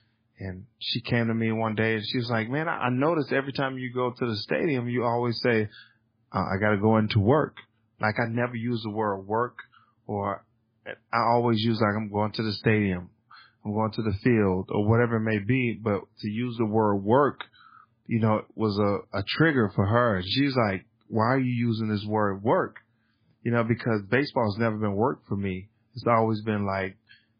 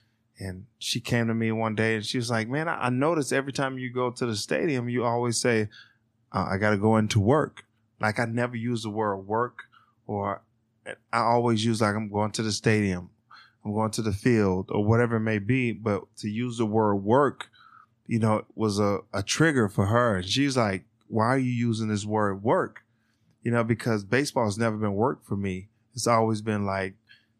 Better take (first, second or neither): second